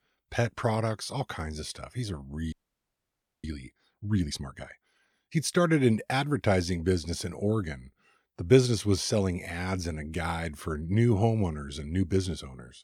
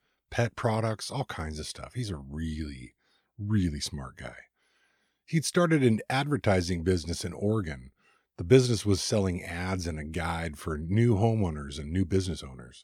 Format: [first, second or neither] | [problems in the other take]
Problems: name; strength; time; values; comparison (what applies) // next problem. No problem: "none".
second | audio freezing; at 2.5 s for 1 s